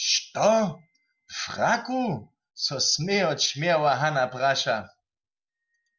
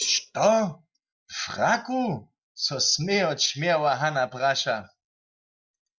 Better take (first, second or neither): first